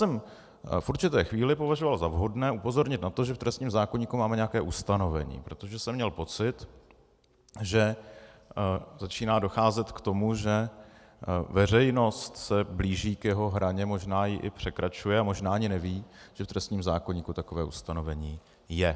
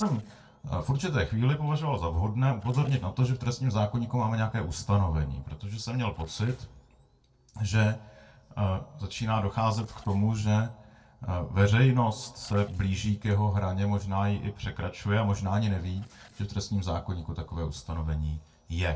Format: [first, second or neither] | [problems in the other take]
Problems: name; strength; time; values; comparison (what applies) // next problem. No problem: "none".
first | noise reduction (neural separator model SepFormer DNS4)